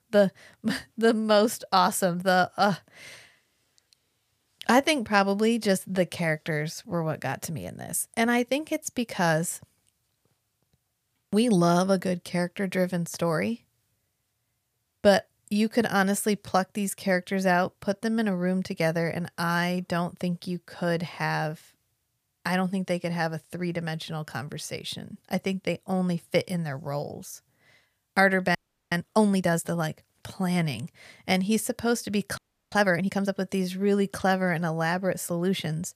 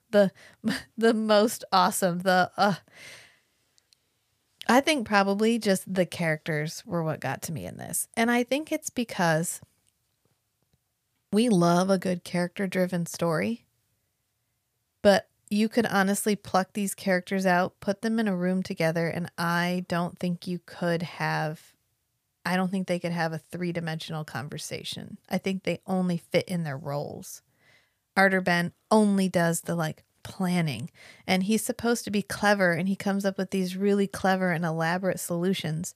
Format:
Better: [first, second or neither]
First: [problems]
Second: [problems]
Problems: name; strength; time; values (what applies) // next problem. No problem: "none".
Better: second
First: audio freezing; at 29 s and at 32 s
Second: none